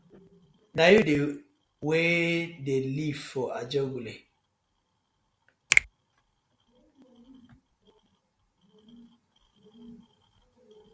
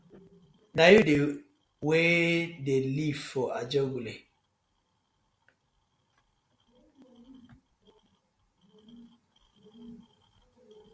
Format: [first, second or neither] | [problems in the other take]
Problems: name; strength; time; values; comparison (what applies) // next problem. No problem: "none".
second | background sound (Finger snapping); 1 dB above the speech